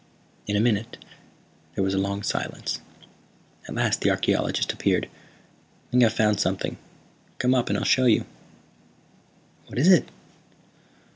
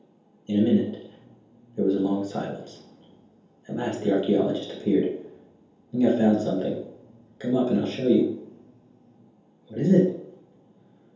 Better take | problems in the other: first | room echo; dies away in 0.7 s

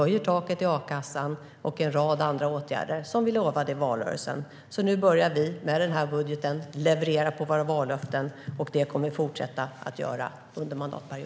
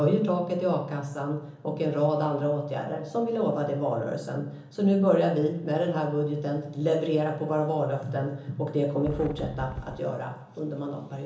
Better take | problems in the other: first | background sound (Wind); 11 dB below the speech // room echo; dies away in 1.2 s

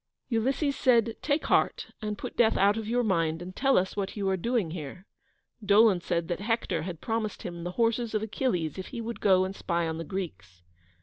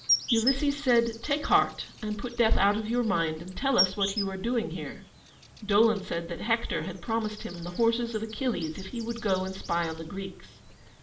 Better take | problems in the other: first | background sound (Insect); 10 dB below the speech // room echo; dies away in 0.4 s

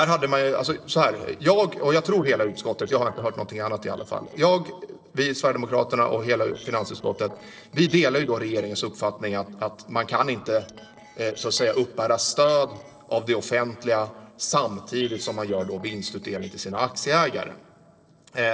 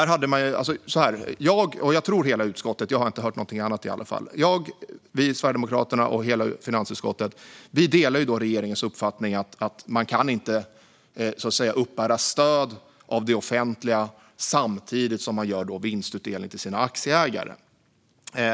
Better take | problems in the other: second | noise reduction (neural separator model SepFormer DNS4)

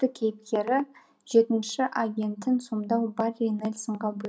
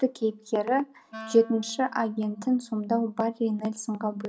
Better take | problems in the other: first | background sound (Wind instrument, woodwind instrument); 19 dB below the speech

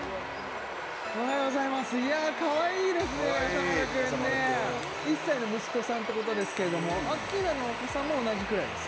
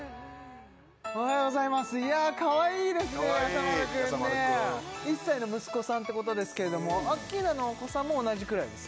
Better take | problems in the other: second | background sound (Bird vocalization, bird call, bird song); 6 dB below the speech // room echo; dies away in 1.3 s

